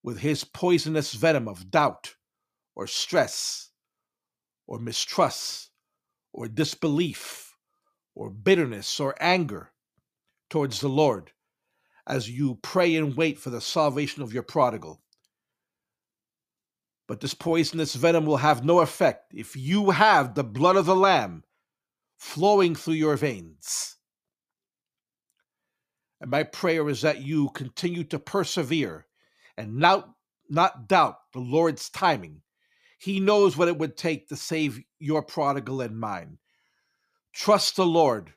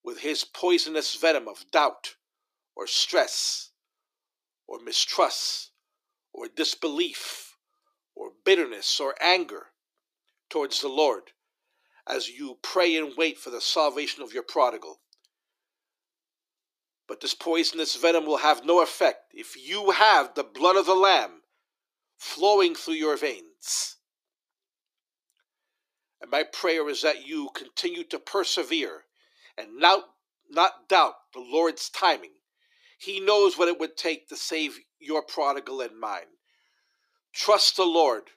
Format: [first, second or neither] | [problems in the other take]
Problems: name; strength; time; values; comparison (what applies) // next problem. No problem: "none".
first | thin; very; fading below 350 Hz